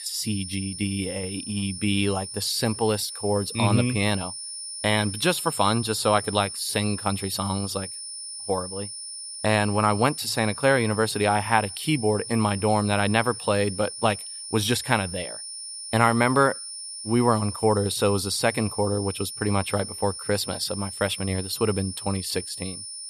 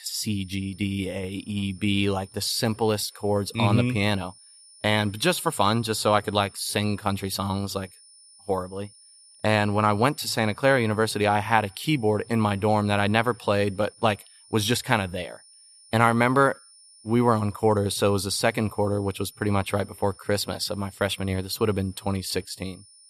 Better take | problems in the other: second | high-pitched whine; loud; throughout; 9.5 kHz, 9 dB below the speech; faint in the second

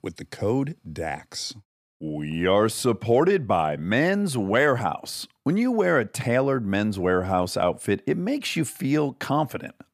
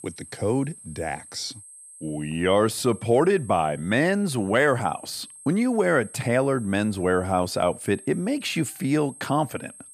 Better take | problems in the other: first | high-pitched whine; noticeable; throughout; 8.5 kHz, 20 dB below the speech

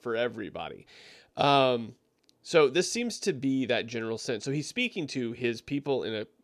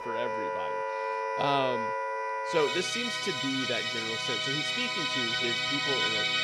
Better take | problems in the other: first | background music; very loud; throughout; 5 dB above the speech

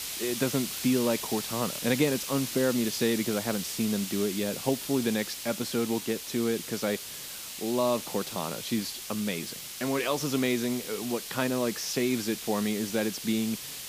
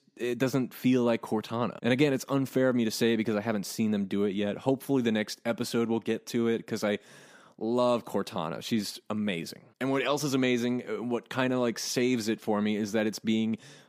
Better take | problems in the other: second | hiss; loud; throughout; 6 dB below the speech

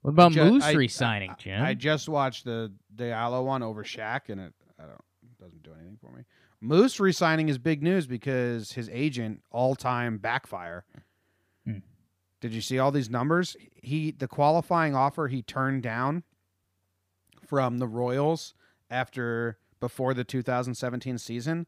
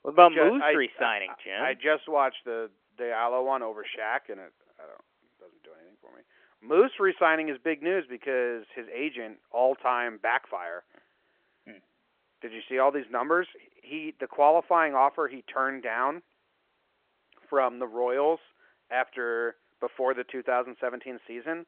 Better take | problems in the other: first | phone-call audio

